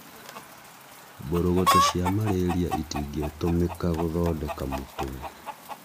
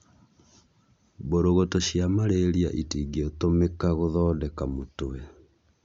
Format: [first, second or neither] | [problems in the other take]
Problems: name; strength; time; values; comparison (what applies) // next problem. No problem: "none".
second | background sound (Chicken, rooster); 3 dB below the speech